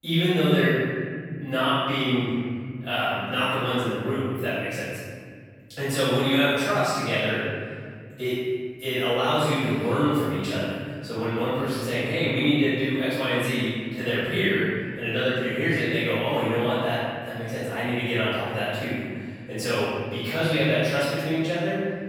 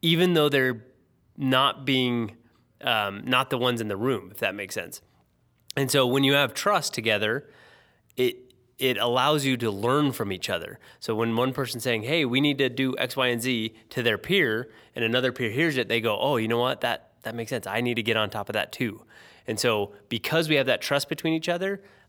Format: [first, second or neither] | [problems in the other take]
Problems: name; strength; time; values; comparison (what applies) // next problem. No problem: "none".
second | off-mic speech; far // room echo; strong; dies away in 2.5 s